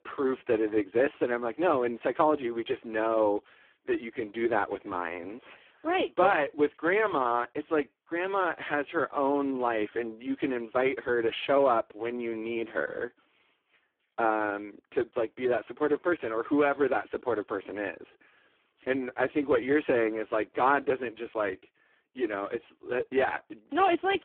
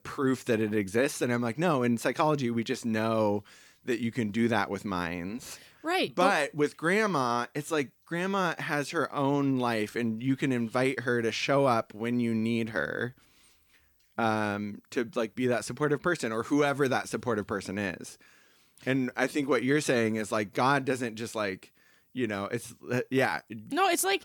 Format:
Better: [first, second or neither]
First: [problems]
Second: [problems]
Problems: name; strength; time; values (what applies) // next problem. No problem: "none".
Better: second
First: phone-call audio; poor line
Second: none